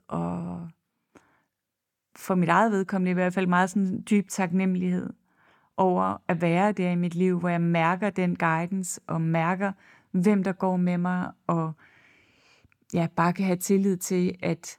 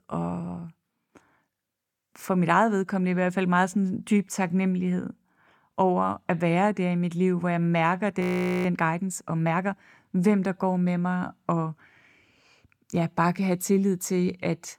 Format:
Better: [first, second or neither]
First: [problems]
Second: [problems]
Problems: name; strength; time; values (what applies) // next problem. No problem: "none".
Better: first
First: none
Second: audio freezing; at 8 s